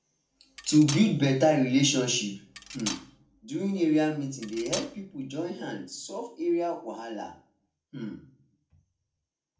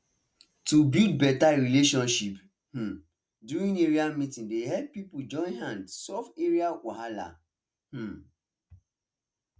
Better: second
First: background sound (Cutlery, silverware); 12 dB below the speech // room echo; dies away in 0.4 s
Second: none

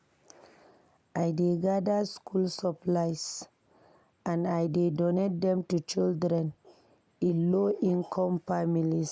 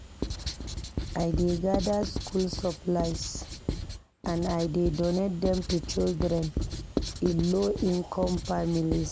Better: first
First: none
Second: background sound (Writing); 5 dB below the speech

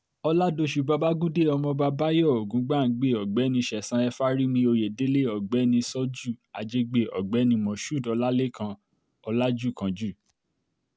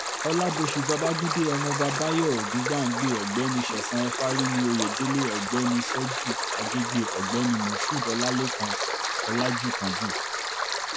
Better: first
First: none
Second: background sound (Stream); 1 dB below the speech

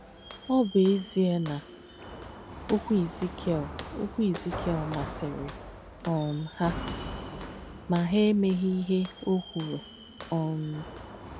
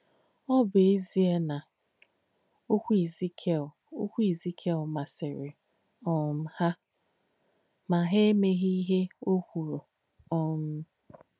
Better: second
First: background sound (Walk, footsteps); 12 dB below the speech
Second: none

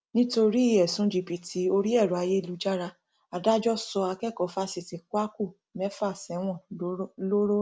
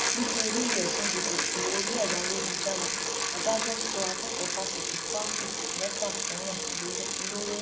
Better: first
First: none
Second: background sound (Bicycle); 5 dB above the speech // room echo; dies away in 0.8 s

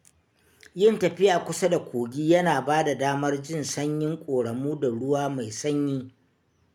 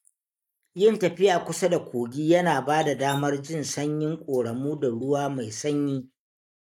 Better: first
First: none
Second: noise reduction (neural mask model Resemble Enhance denoiser)

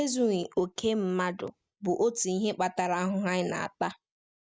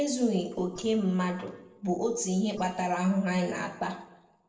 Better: first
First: none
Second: noise reduction (neural separator model SepFormer DNS4)

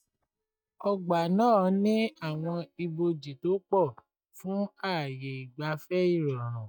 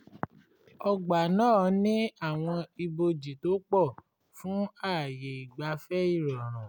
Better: second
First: noise reduction (neural mask model DeepFilterNet 3)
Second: none

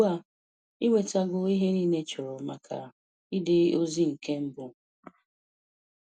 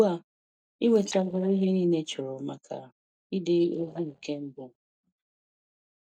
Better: first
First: none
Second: noise reduction (neural mask model DeepFilterNet 3)

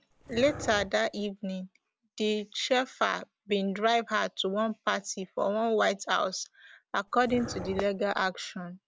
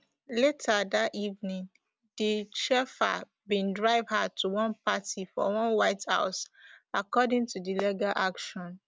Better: second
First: background sound (Dog); 13 dB below the speech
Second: none

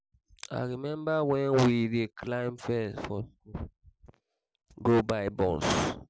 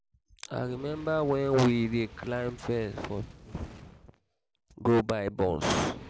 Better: first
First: none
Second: background sound (Fire); 19 dB below the speech

